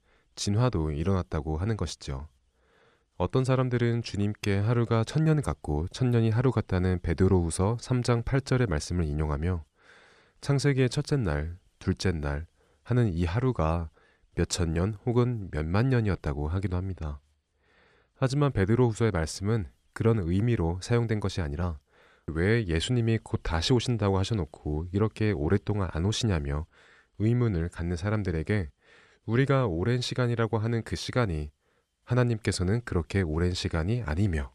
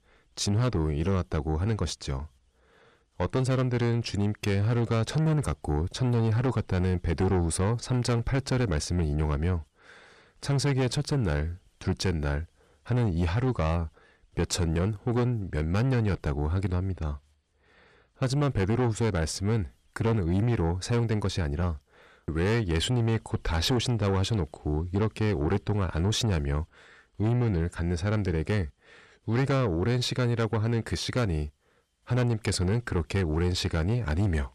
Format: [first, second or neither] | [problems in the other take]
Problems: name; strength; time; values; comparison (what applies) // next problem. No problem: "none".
first | distortion; slight; 10 dB below the speech